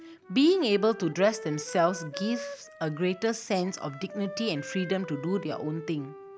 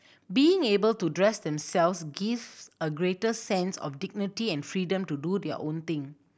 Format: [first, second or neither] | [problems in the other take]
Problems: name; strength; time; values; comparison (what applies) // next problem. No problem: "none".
second | background sound (Wind instrument, woodwind instrument); 14 dB below the speech